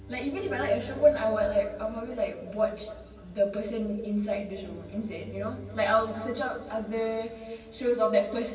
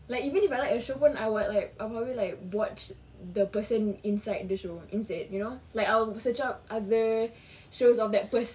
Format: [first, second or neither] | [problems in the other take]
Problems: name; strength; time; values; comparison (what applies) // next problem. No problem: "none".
second | background sound (Bowed string instrument); 18 dB below the speech // room echo; dies away in 2.3 s